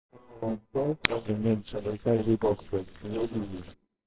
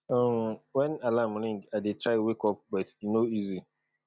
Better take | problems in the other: second | noise reduction (neural separator model SepFormer WHAMR!)

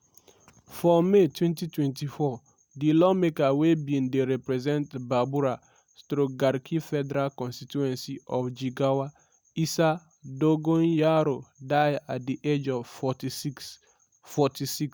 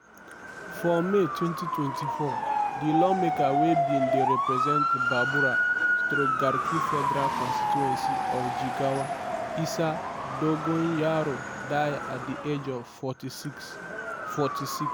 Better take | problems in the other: first | background sound (Motor vehicle (road) / Siren); 2 dB above the speech

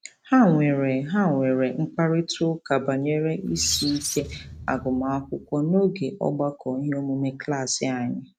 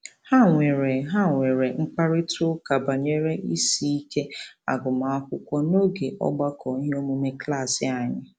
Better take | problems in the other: second | noise reduction (neural mask model RNNoise)

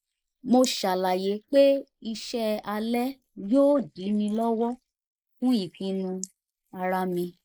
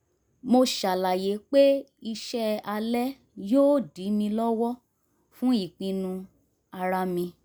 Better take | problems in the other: second | noise reduction (neural mask model Resemble Enhance denoiser)

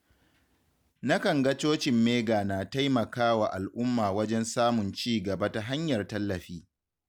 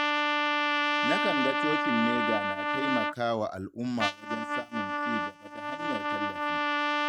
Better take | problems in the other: first | noise reduction (neural mask model RNNoise)

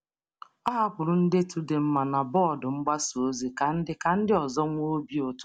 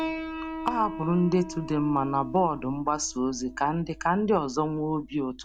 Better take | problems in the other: first | background sound (Piano); 11 dB below the speech

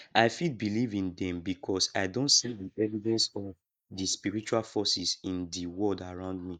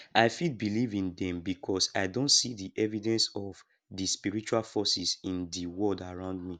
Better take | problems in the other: second | noise reduction (neural mask model Resemble Enhance denoiser)

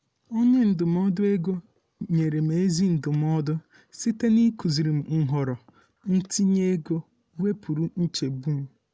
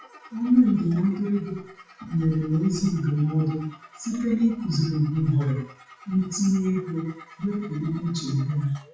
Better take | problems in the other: first | noise reduction (classical method WPE with log-MMSE)

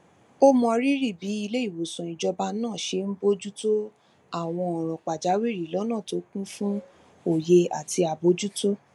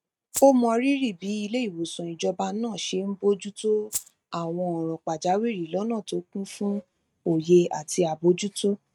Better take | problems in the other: first | noise reduction (neural mask model RNNoise)

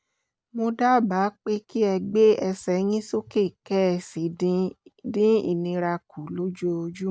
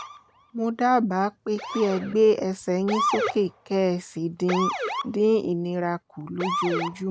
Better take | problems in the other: first | background sound (Motor vehicle (road) / Siren); 8 dB below the speech

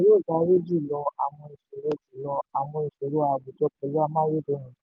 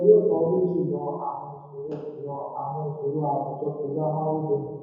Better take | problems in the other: first | room echo; dies away in 1.2 s

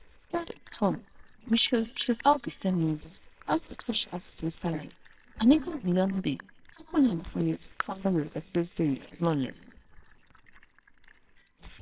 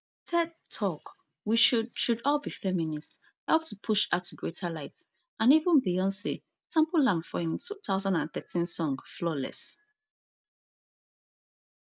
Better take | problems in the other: second | noise reduction (neural separator model SepFormer WHAMR!)

